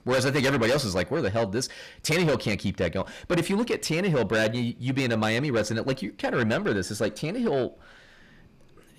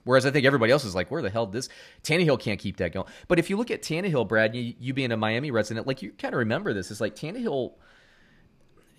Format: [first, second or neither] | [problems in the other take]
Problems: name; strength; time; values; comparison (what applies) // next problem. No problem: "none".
second | distortion; heavy; 6 dB below the speech